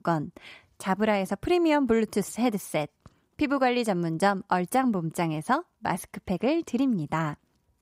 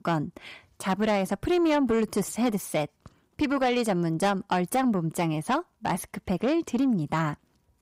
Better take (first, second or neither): first